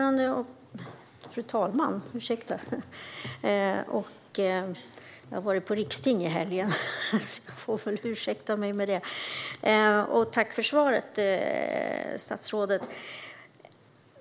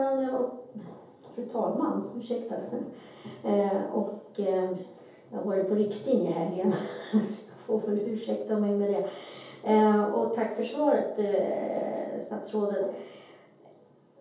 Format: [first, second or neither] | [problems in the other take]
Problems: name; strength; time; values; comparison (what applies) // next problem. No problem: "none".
first | room echo; dies away in 0.7 s